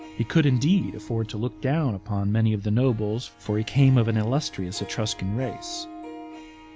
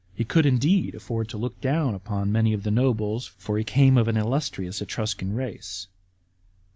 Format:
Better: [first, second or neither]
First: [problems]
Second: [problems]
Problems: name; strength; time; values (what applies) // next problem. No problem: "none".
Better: second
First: background sound (Harp); 18 dB below the speech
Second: none